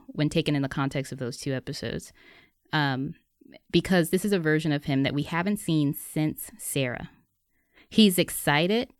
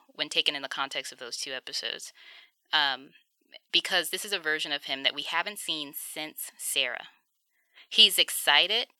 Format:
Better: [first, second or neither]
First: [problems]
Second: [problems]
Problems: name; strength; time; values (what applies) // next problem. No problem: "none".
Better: first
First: none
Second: thin; very; fading below 850 Hz